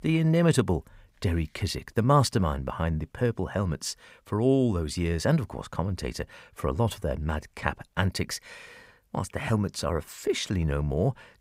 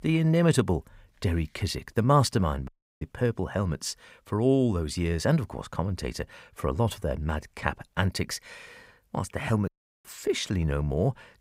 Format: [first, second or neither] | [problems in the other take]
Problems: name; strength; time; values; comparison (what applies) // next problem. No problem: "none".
first | audio cutting out; at 2.5 s and at 9.5 s